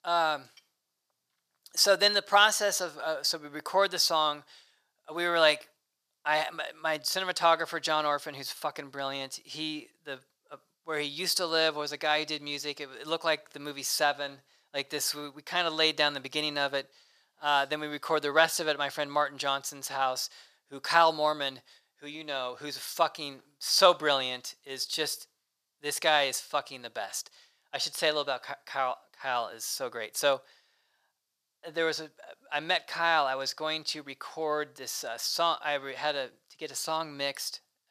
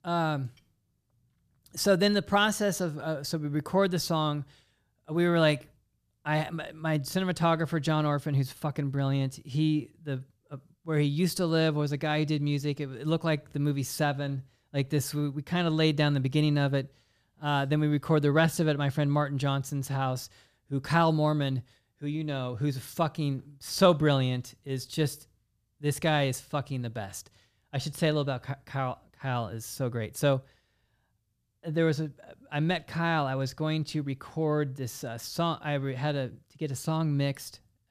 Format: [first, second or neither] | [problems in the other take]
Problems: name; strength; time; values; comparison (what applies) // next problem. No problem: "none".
second | thin; very; fading below 750 Hz